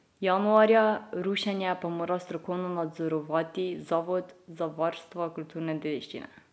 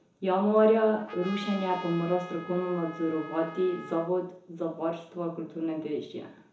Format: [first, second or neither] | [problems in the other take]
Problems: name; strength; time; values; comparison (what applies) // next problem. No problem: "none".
first | background sound (Trumpet); 15 dB below the speech // room echo; dies away in 0.6 s